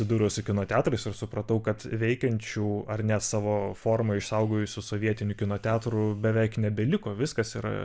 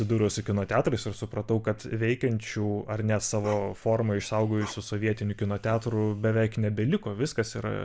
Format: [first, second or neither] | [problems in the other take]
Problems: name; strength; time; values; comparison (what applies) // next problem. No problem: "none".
first | background sound (Bark); 18 dB below the speech